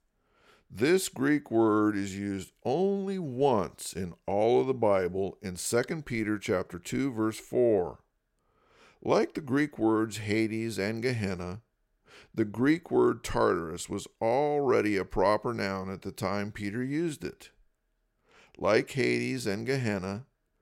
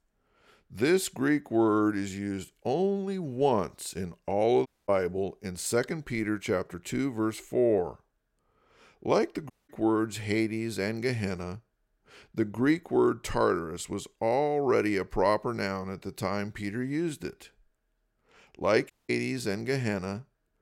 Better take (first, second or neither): first